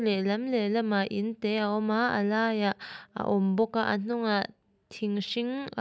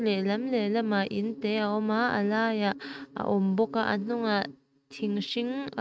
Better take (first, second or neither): first